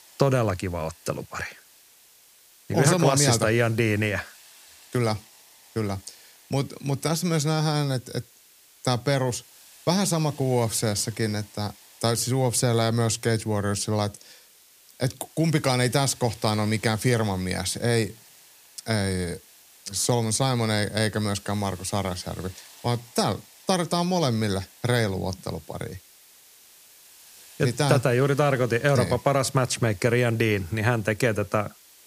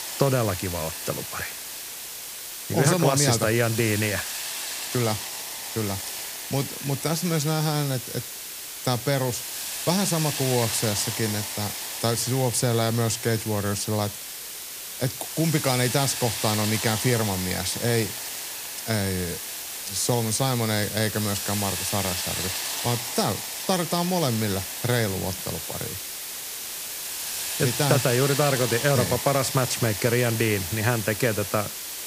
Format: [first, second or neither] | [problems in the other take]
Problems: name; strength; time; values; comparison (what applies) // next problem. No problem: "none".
first | hiss; loud; throughout; 4 dB below the speech; faint in the first